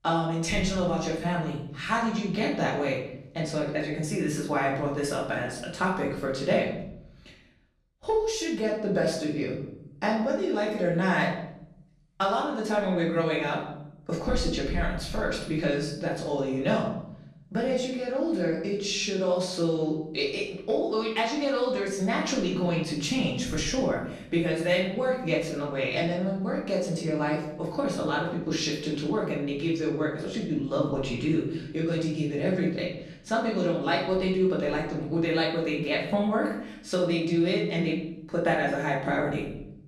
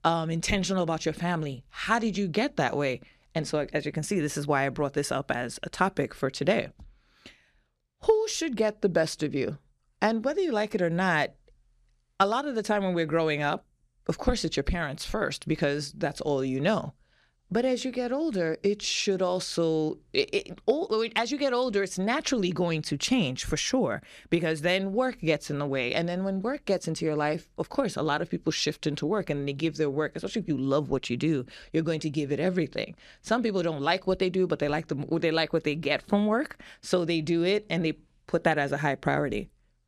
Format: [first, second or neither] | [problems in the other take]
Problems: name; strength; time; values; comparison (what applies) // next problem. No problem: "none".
second | off-mic speech; far // room echo; noticeable; dies away in 0.8 s